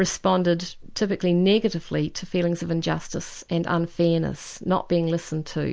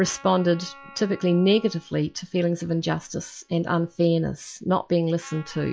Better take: first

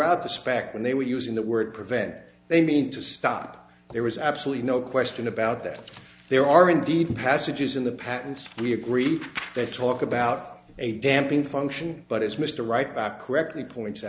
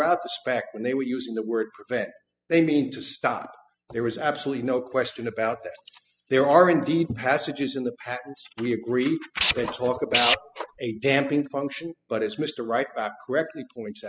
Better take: first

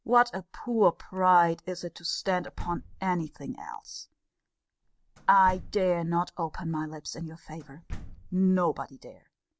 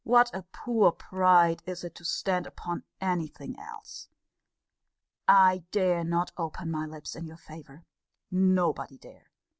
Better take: second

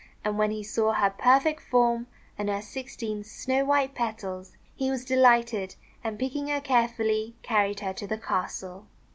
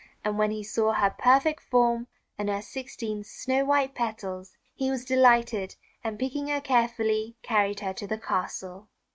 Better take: first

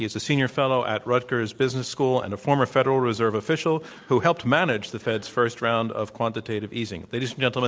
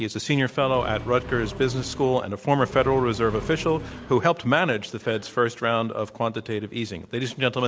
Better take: first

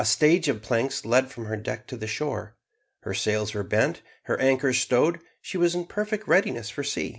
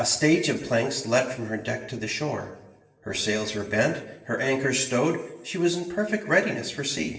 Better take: first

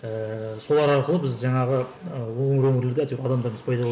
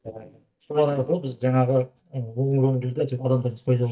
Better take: first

